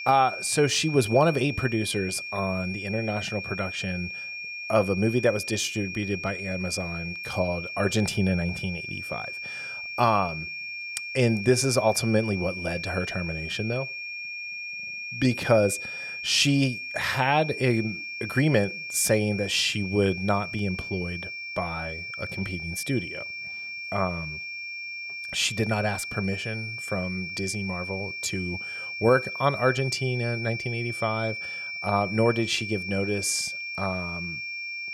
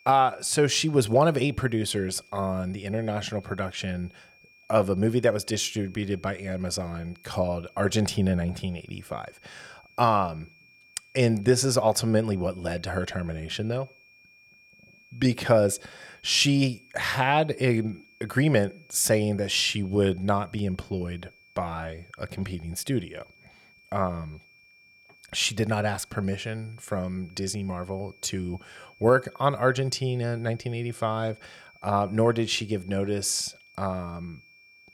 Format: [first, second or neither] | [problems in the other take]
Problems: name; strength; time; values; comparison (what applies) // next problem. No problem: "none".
second | high-pitched whine; loud; throughout; 2.5 kHz, 6 dB below the speech; faint in the second